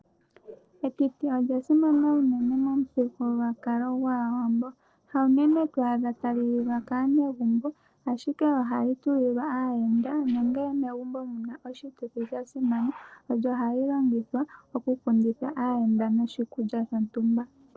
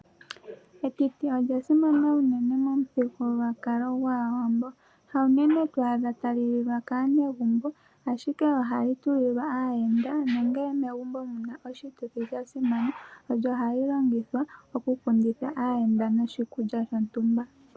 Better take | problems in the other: second | noise reduction (neural separator model SepFormer DNS4)

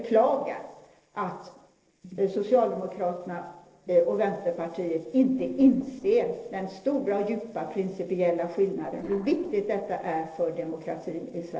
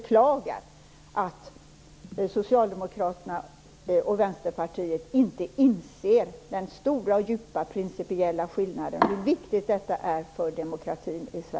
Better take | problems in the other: second | noise reduction (neural separator model SepFormer DNS4)

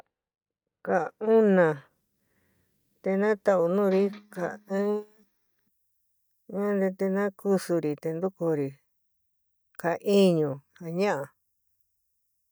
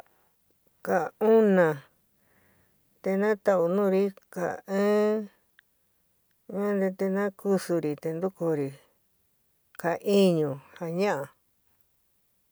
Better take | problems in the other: second | noise reduction (neural mask model DeepFilterNet 3)

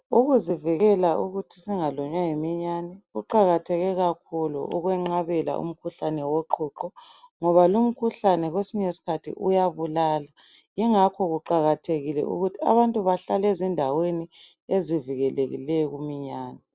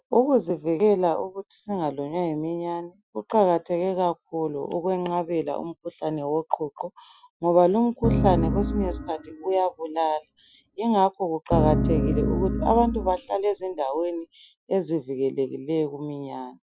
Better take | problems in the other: first | noise reduction (classical method Wiener filter)

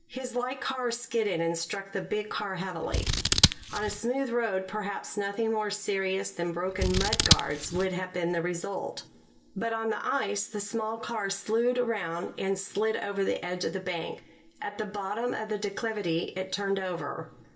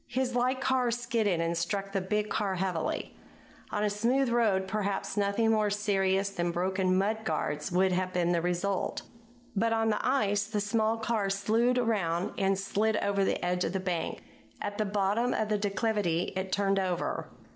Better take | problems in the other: second | background sound (Scissors); 4 dB above the speech // room echo; dies away in 0.1 s

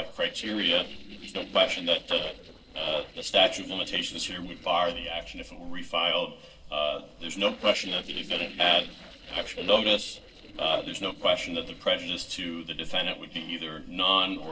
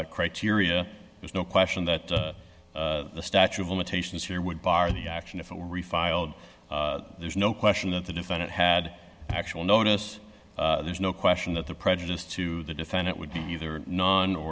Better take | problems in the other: second | noise reduction (neural separator model SepFormer DNS4)

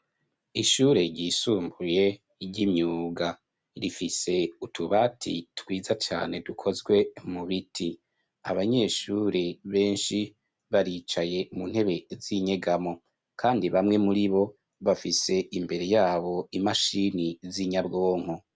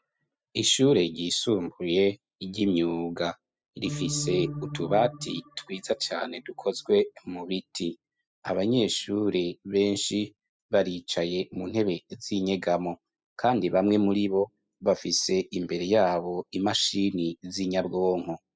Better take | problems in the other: first | noise reduction (classical method spectral subtraction)

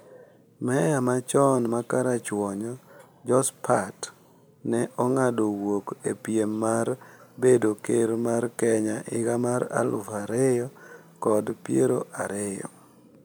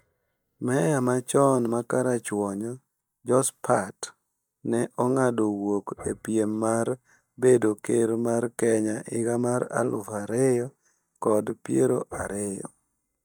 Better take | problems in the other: first | noise reduction (neural mask model DeepFilterNet 3)

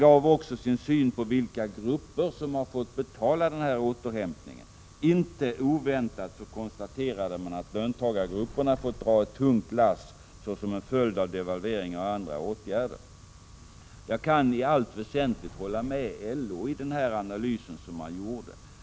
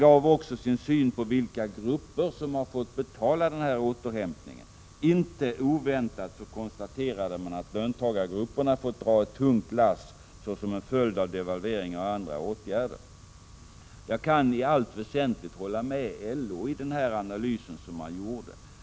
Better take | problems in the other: second | background sound (Sliding door); 17 dB below the speech

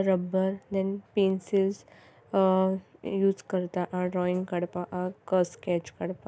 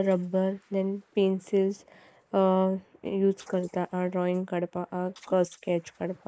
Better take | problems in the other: first | noise reduction (neural mask model Resemble Enhance denoiser)

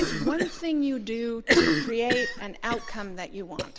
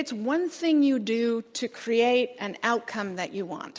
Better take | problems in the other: second | background sound (Cough); 2 dB above the speech

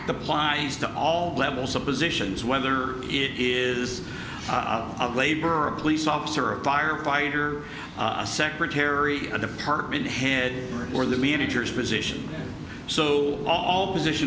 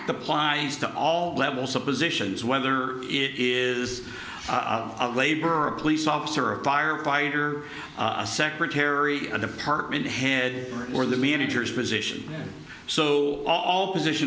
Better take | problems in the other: second | background sound (Waves, surf); 12 dB below the speech

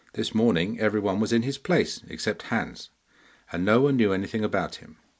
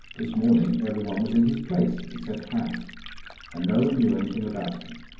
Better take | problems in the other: first | background sound (Liquid); 16 dB below the speech // room echo; dies away in 0.9 s

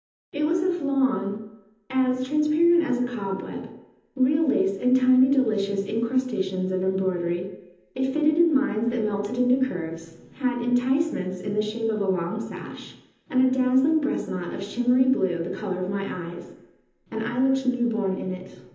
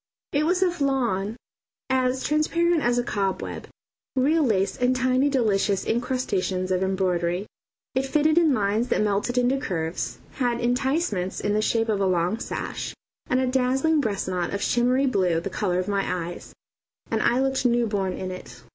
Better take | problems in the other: second | room echo; dies away in 0.9 s

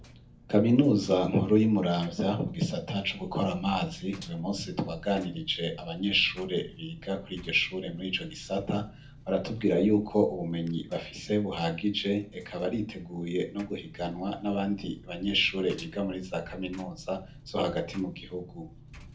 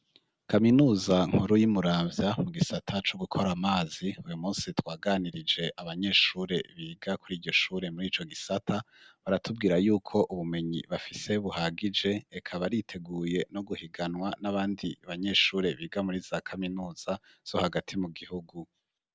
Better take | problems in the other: second | background sound (Engine); 20 dB below the speech // room echo; dies away in 0.3 s

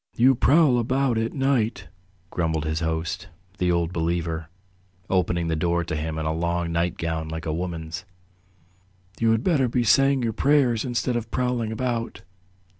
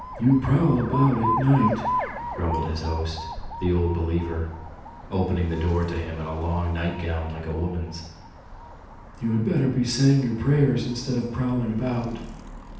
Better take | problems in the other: first | background sound (Alarm); 10 dB below the speech // room echo; dies away in 0.8 s

